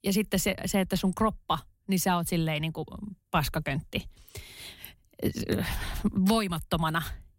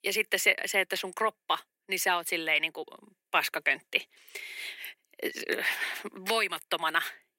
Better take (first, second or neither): first